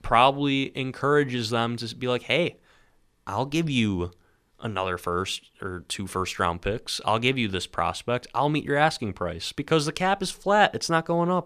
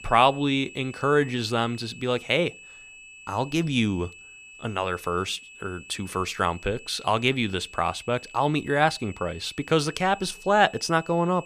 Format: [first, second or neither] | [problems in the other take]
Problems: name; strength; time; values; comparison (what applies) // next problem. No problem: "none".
first | high-pitched whine; noticeable; throughout; 2.5 kHz, 20 dB below the speech